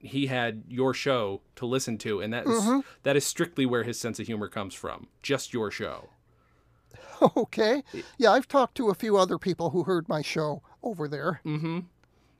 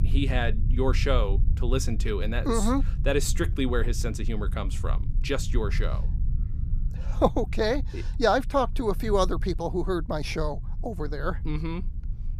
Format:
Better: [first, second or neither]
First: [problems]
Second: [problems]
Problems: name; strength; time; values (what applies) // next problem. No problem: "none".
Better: first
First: none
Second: low rumble; noticeable; throughout; 20 dB below the speech